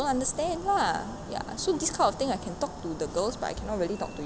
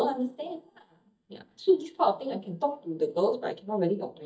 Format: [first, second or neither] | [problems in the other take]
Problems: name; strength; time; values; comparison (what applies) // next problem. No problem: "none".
first | noise reduction (neural mask model DeepFilterNet 3)